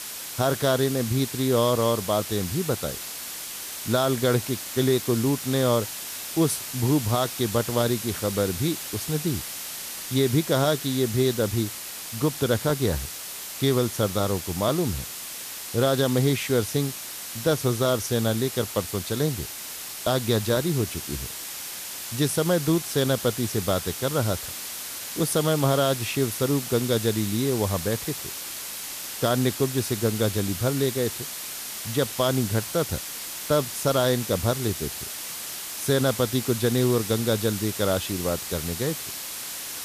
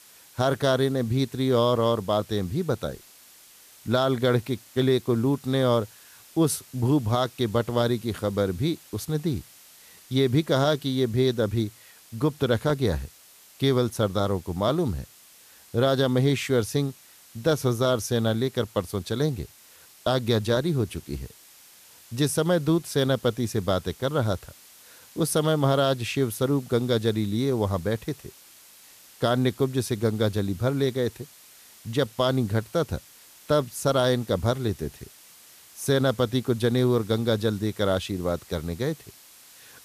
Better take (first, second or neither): second